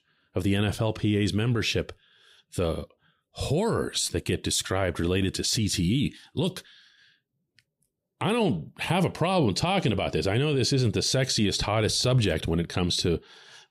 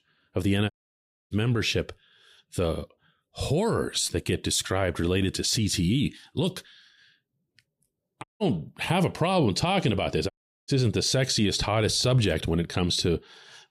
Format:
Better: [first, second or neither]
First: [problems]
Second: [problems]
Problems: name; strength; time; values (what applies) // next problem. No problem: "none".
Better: first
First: none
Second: audio cutting out; at 0.5 s for 0.5 s, at 8 s and at 10 s